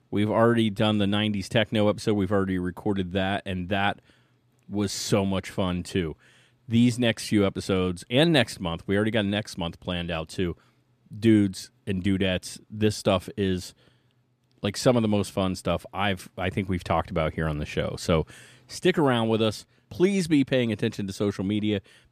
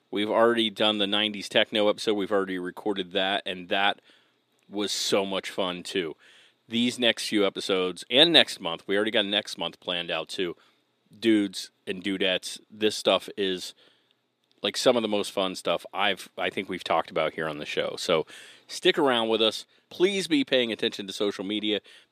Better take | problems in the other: first | thin; somewhat; fading below 350 Hz

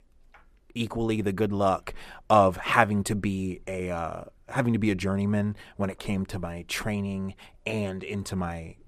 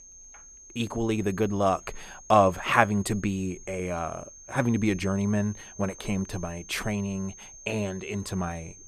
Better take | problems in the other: first | high-pitched whine; noticeable; throughout; 6.5 kHz, 20 dB below the speech

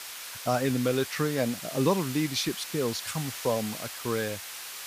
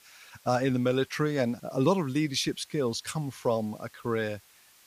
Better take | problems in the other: second | hiss; loud; throughout; 8 dB below the speech; faint in the second

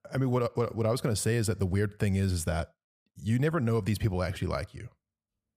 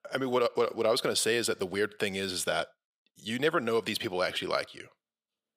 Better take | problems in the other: first | thin; somewhat; fading below 400 Hz

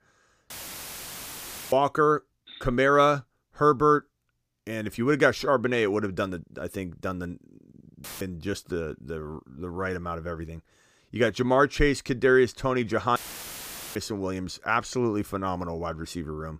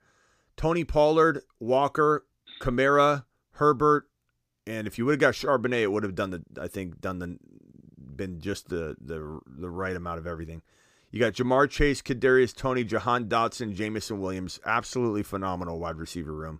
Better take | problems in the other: second | audio cutting out; filled with static; at 0.5 s for 1 s, at 8 s and at 13 s for 1 s

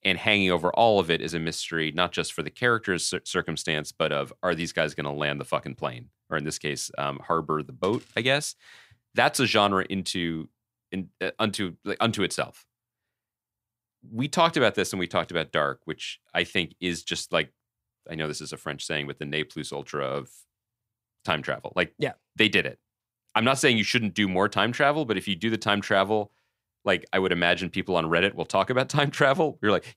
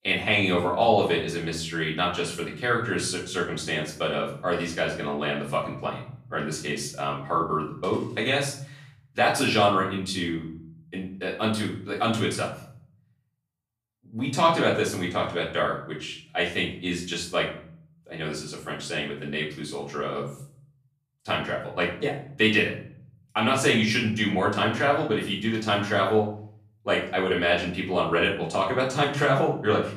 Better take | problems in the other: first | off-mic speech; far // room echo; noticeable; dies away in 0.6 s

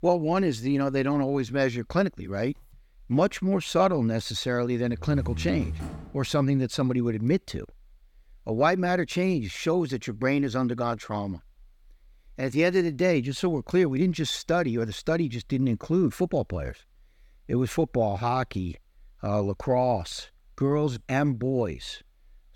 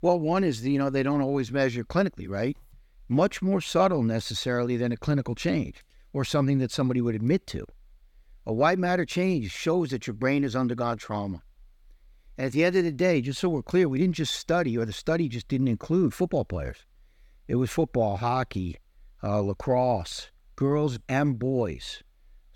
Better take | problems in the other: second | door banging; noticeable; from 5 to 6 s; peak 7 dB below the speech

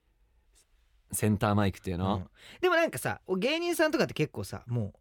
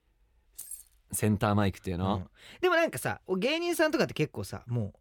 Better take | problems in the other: first | jangling keys; faint; at 0.5 s; peak 10 dB below the speech

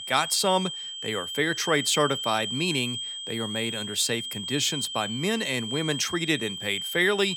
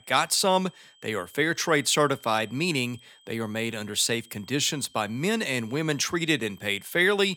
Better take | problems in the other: second | high-pitched whine; loud; throughout; 3 kHz, 5 dB below the speech; faint in the second

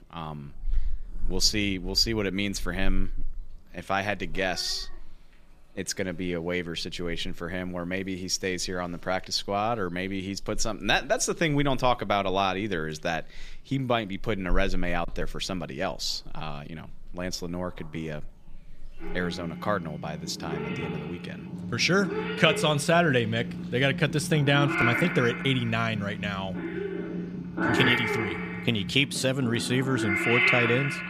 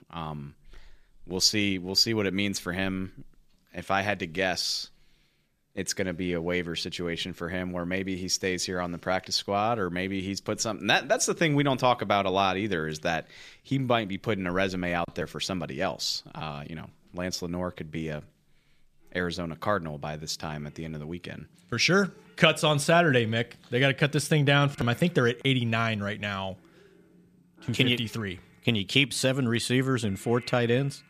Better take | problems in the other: second | animal sounds; loud; throughout; 3 dB below the speech; faint in the second

